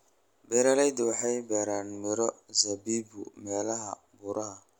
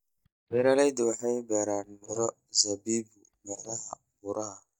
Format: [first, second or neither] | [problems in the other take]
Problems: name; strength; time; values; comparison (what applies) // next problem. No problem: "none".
first | noise reduction (neural mask model DeepFilterNet 3)